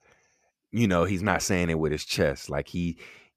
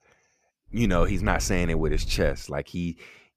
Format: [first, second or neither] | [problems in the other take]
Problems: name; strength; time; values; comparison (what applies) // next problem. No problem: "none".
first | low rumble; faint; from 1 to 2.5 s; 25 dB below the speech